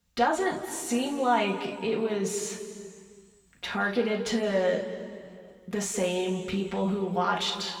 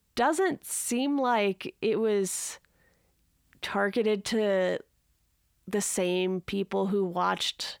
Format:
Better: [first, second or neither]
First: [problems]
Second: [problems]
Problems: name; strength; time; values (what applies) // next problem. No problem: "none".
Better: second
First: room echo; noticeable; dies away in 2.2 s // off-mic speech; far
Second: none